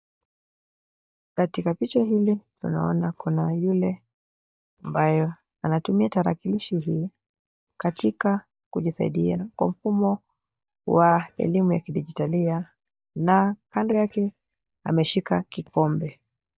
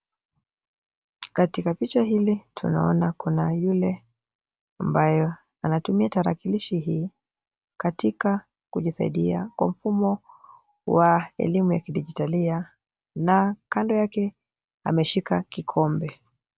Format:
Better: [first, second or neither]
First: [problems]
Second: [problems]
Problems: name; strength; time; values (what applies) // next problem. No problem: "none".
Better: second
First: noise reduction (neural mask model DeepFilterNet 3)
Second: none